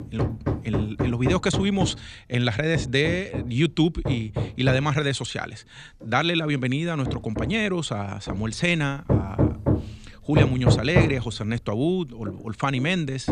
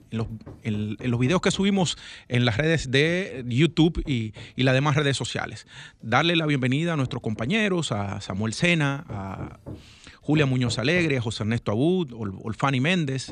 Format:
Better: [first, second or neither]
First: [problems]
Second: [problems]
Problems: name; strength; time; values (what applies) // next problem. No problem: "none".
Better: second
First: machinery noise; loud; throughout; 2 dB below the speech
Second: machinery noise; faint; throughout; 20 dB below the speech